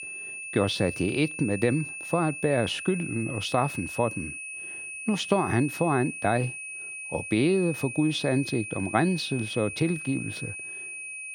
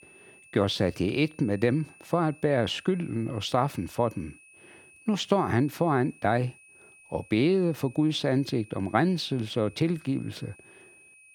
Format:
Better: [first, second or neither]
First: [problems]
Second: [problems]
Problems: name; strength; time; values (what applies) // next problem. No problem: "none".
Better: second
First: high-pitched whine; loud; throughout; 2.5 kHz, 8 dB below the speech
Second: high-pitched whine; faint; throughout; 2.5 kHz, 25 dB below the speech